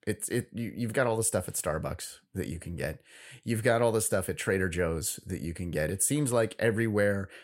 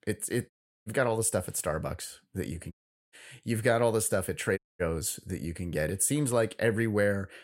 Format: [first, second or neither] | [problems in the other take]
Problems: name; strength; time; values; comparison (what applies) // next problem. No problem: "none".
first | audio cutting out; at 0.5 s, at 2.5 s and at 4.5 s